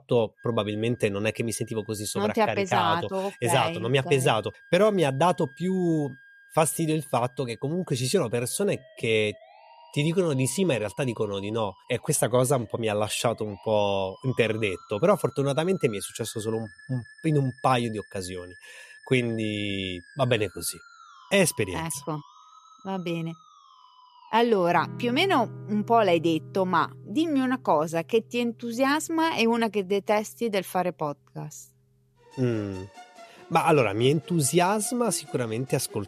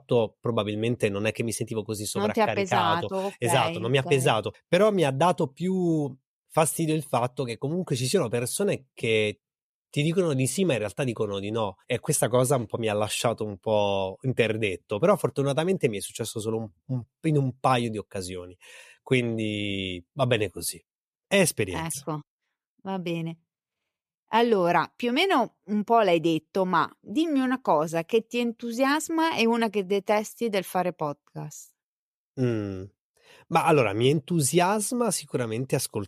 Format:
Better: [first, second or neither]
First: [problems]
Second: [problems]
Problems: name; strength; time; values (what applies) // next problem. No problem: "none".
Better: second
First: background music; faint; throughout; 20 dB below the speech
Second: none